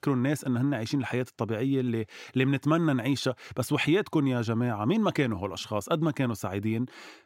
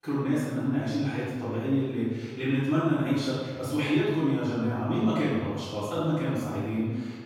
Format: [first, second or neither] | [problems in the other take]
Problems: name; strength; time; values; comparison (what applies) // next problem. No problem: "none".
first | off-mic speech; far // room echo; strong; dies away in 1.3 s